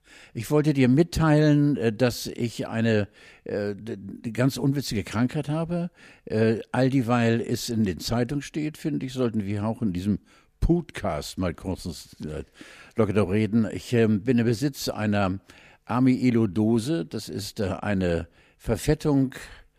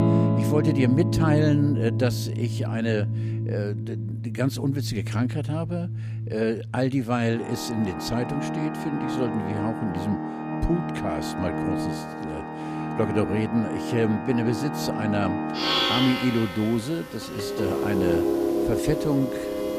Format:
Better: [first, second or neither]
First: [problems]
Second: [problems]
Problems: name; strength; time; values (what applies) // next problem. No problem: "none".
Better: first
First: none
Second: background music; loud; throughout; 1 dB below the speech